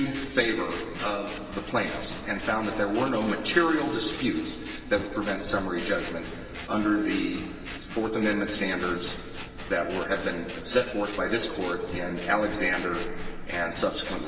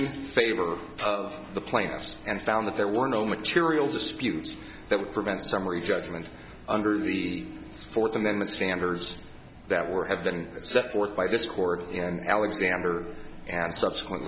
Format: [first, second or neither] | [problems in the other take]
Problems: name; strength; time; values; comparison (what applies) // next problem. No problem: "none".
second | background sound (Scissors); 14 dB below the speech // room echo; dies away in 2.4 s